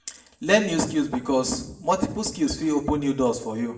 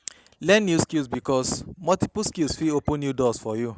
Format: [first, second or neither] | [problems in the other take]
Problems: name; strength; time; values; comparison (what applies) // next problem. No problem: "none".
second | room echo; dies away in 0.5 s